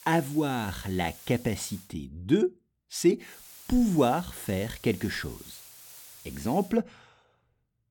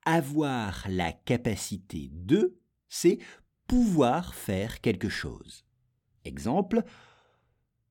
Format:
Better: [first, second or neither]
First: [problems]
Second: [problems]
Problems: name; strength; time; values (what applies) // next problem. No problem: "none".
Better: second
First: hiss; noticeable; until 2 s and from 3.5 to 6.5 s; 20 dB below the speech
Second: none